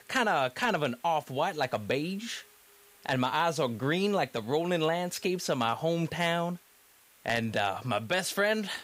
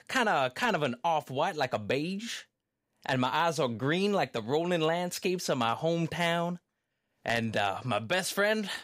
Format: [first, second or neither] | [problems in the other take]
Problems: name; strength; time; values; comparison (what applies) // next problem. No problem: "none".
second | hiss; faint; throughout; 25 dB below the speech